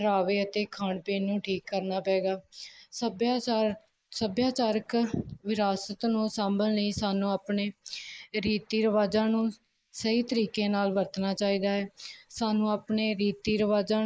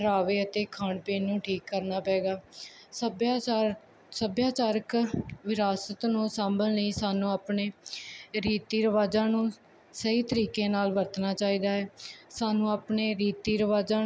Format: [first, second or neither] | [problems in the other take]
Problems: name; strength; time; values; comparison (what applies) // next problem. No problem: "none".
second | noise reduction (neural mask model Resemble Enhance denoiser)